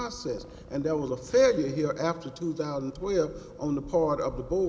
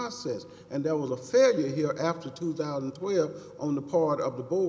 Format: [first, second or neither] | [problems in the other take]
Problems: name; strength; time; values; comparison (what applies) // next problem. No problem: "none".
second | background sound (Purr); 19 dB below the speech